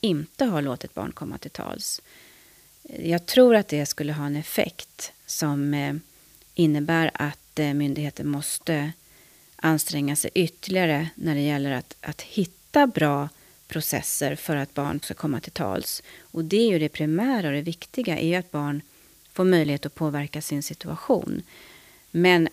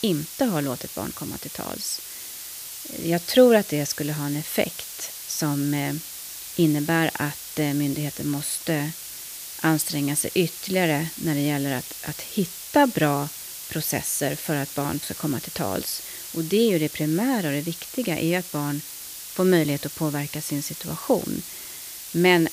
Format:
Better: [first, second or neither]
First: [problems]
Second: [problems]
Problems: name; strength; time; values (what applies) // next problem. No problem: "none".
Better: first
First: hiss; faint; throughout; 25 dB below the speech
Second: hiss; loud; throughout; 9 dB below the speech